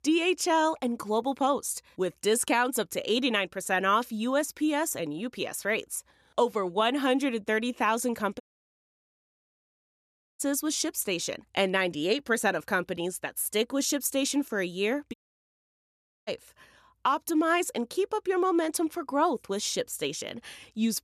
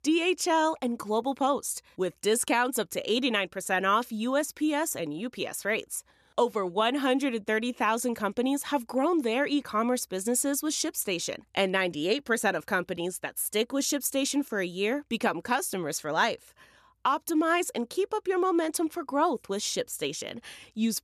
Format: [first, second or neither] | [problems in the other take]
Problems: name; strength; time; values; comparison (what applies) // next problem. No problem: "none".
second | audio cutting out; at 8.5 s for 2 s and at 15 s for 1 s